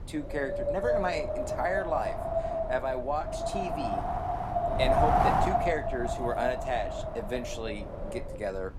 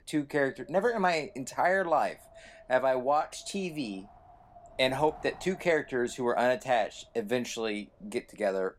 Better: second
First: wind noise on the microphone; heavy; 3 dB above the speech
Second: wind noise on the microphone; occasional gusts; 25 dB below the speech

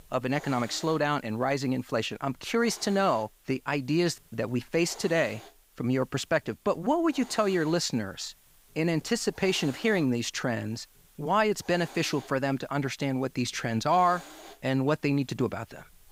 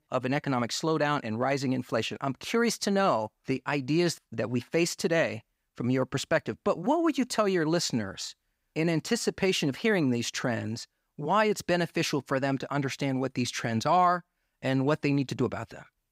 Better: second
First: hiss; faint; throughout; 25 dB below the speech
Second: none

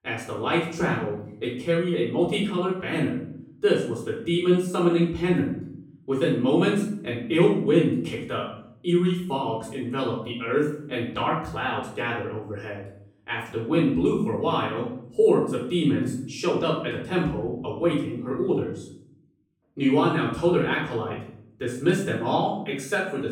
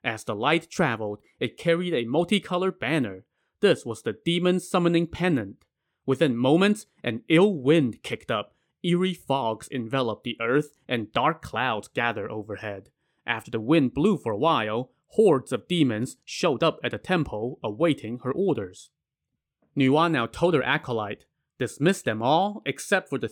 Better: second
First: off-mic speech; far // room echo; noticeable; dies away in 0.6 s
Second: none

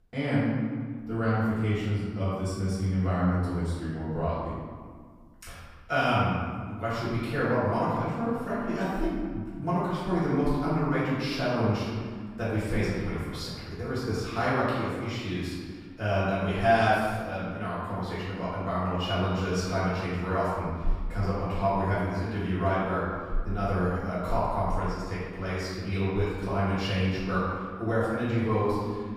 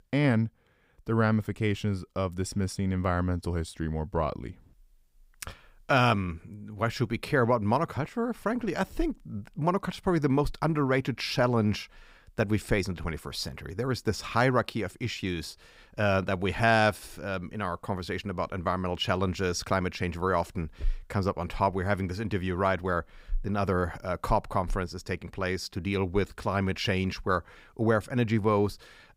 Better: second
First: off-mic speech; far // room echo; strong; dies away in 1.6 s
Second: none

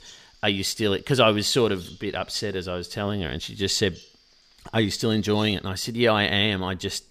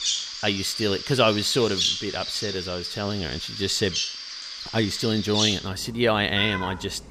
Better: first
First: animal sounds; faint; throughout; 25 dB below the speech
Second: animal sounds; loud; throughout; 4 dB below the speech

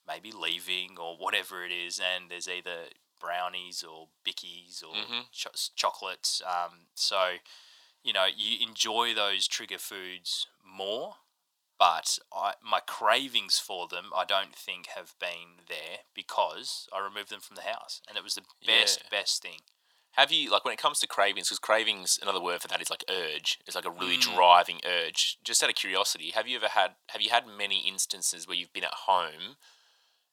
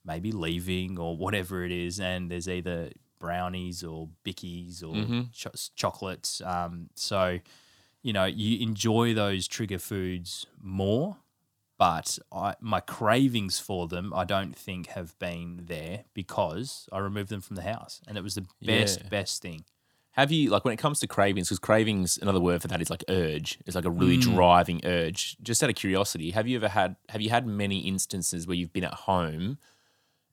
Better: second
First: thin; very; fading below 750 Hz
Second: none

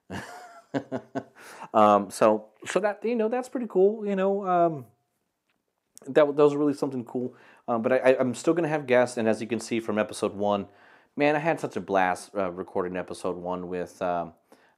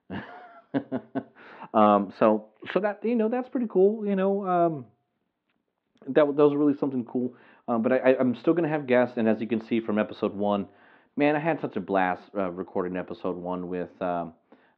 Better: first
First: none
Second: muffled; very; fading above 3.5 kHz

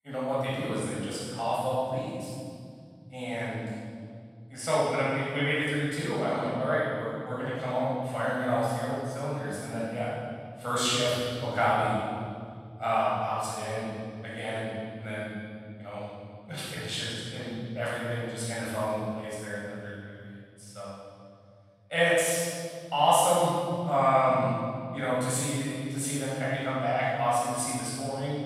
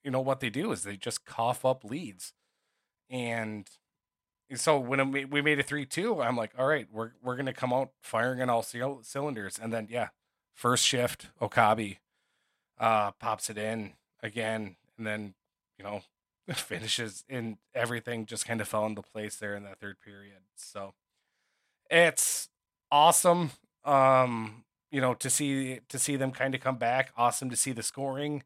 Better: second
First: room echo; strong; dies away in 3 s // off-mic speech; far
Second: none

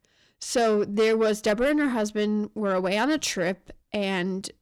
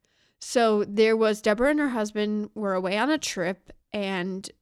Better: second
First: distortion; slight; 10 dB below the speech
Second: none

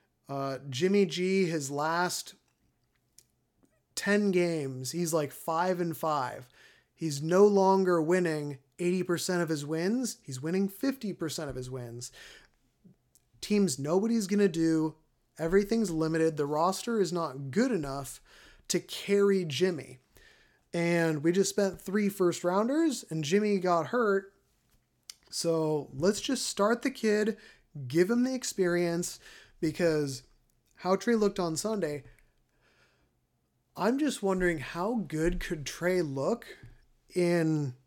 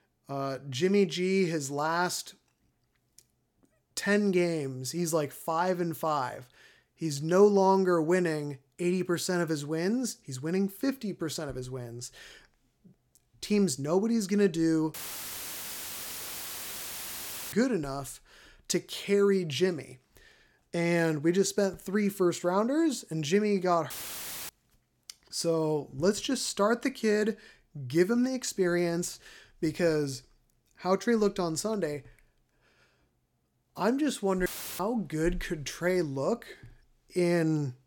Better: first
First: none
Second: audio cutting out; filled with static; at 15 s for 2.5 s, at 24 s for 0.5 s and at 34 s

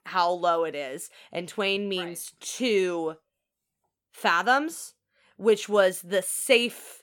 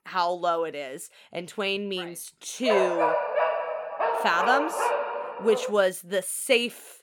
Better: first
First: none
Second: dog barking; loud; from 2.5 to 5.5 s; peak 3 dB above the speech

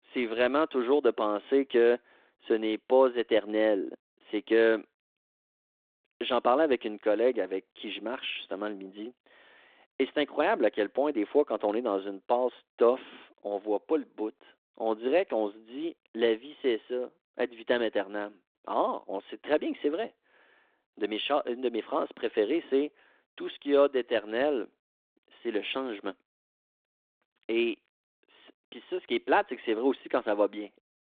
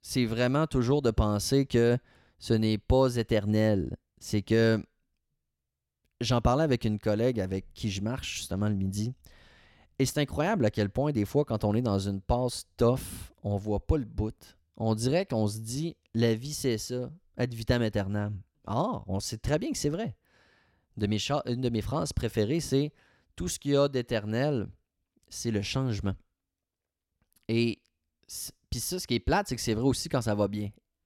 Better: second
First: phone-call audio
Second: none

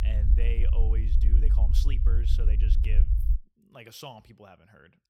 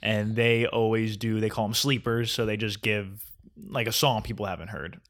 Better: second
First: low rumble; loud; until 3.5 s; 3 dB below the speech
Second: none

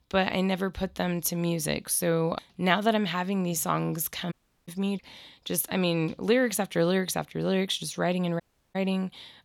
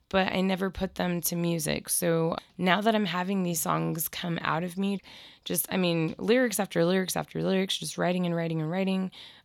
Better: second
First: audio cutting out; at 4.5 s and at 8.5 s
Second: none

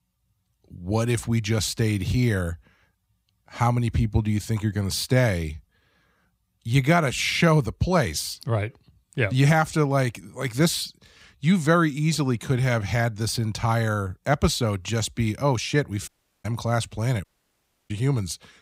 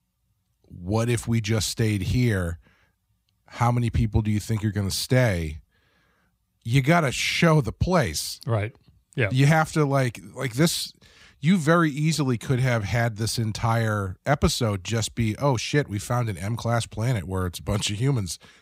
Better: second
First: audio cutting out; at 16 s and at 17 s for 0.5 s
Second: none

